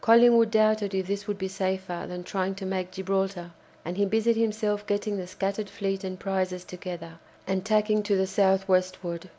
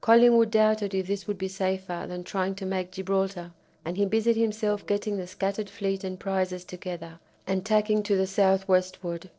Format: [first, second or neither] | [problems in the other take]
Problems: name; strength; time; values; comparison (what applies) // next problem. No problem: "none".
first | noise reduction (neural separator model SepFormer DNS4)